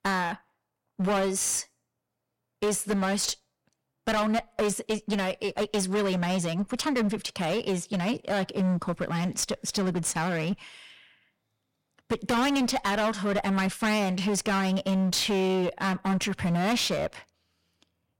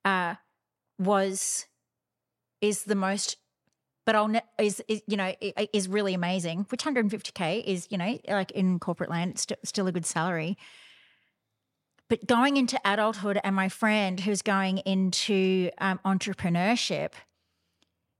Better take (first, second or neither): second